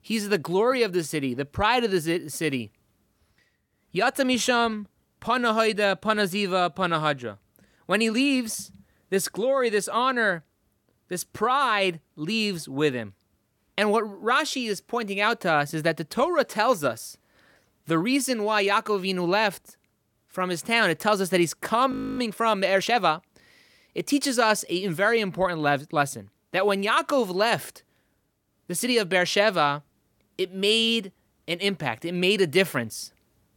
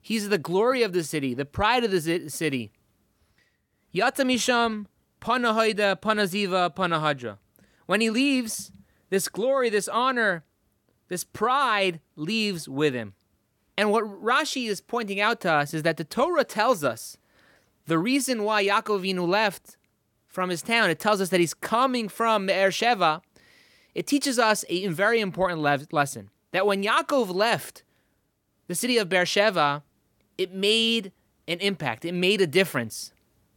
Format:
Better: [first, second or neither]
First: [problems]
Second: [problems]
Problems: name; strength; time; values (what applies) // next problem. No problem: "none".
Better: second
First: audio freezing; at 22 s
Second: none